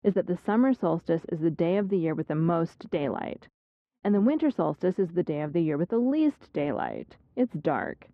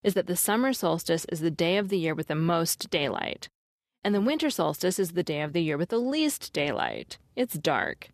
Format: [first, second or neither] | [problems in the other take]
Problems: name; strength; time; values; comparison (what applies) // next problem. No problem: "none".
second | muffled; very; fading above 1.5 kHz